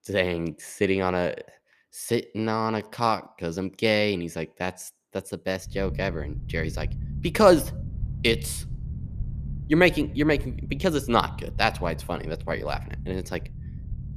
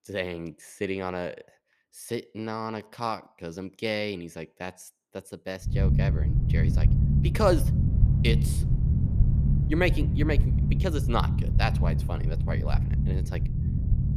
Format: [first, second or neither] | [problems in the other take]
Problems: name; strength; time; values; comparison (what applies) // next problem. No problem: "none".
first | low rumble; loud; from 5.5 s on; 6 dB below the speech; faint in the first